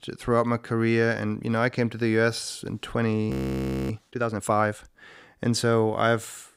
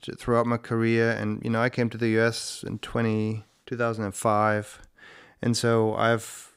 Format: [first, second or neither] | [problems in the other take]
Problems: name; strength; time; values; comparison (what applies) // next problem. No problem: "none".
second | audio freezing; at 3.5 s for 0.5 s